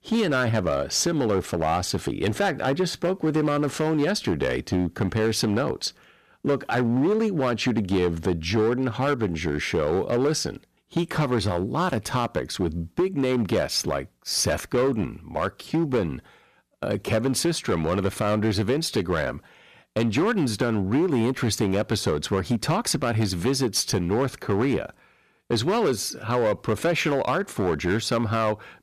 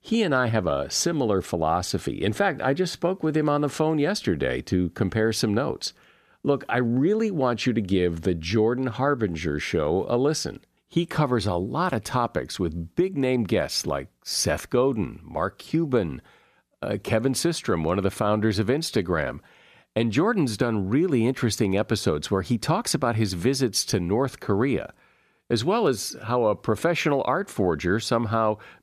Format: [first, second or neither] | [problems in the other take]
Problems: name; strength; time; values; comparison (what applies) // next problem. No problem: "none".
second | distortion; slight; 9% of the sound clipped